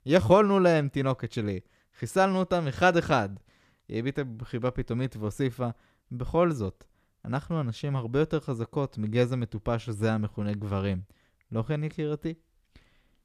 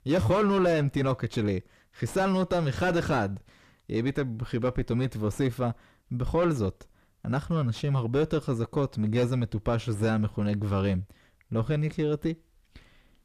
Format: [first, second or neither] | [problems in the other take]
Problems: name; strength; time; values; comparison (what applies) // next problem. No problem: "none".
first | distortion; heavy; 5 dB below the speech